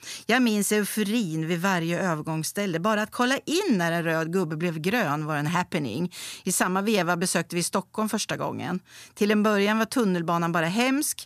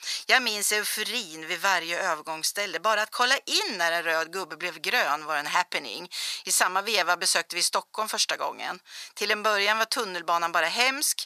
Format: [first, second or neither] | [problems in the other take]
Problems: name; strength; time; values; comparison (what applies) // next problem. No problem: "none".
first | thin; very; fading below 750 Hz